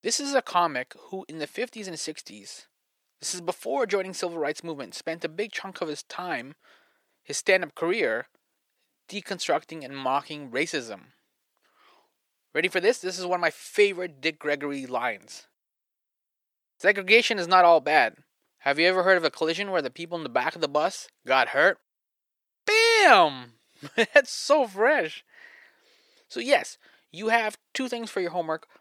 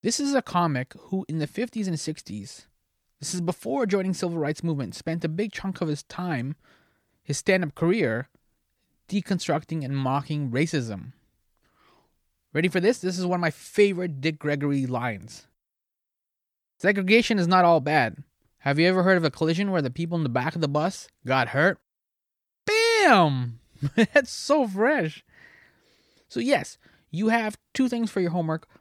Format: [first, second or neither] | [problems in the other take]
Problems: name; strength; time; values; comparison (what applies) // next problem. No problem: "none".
second | thin; somewhat; fading below 500 Hz